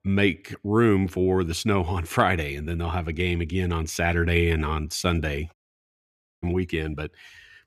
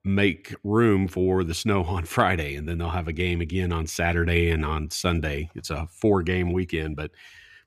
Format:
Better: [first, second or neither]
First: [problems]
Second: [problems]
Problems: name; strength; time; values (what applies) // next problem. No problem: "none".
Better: second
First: audio cutting out; at 5.5 s for 1 s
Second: none